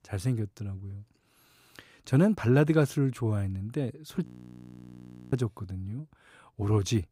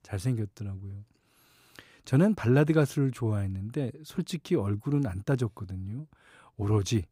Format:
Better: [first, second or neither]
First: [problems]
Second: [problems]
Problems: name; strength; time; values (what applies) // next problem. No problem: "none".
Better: second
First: audio freezing; at 4.5 s for 1 s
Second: none